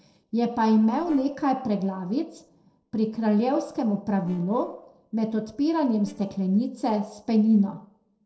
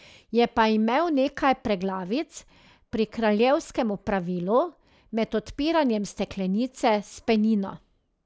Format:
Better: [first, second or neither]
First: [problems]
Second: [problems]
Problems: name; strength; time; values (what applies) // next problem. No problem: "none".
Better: second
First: noise reduction (neural separator model SepFormer DNS4)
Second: none